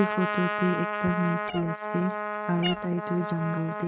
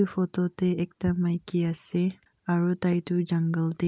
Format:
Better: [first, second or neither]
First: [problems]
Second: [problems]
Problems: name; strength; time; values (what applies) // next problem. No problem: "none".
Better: second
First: noise reduction (neural mask model RNNoise)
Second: none